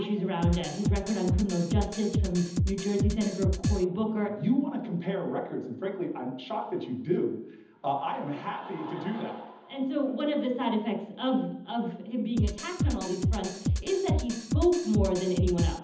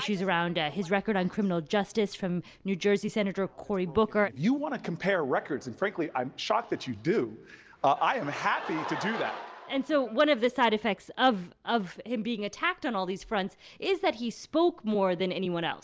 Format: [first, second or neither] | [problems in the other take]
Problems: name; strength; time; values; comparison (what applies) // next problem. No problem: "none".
second | background sound (Drum kit); 1 dB above the speech // room echo; dies away in 0.8 s